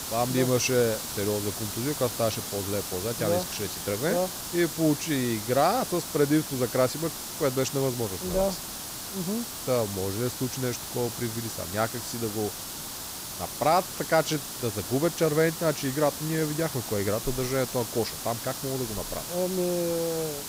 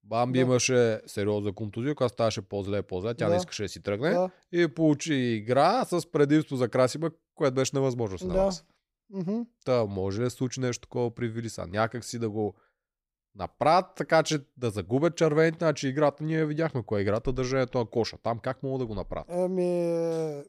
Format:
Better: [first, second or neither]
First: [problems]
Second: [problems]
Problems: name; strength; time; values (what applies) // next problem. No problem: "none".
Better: second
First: hiss; loud; throughout; 5 dB below the speech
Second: none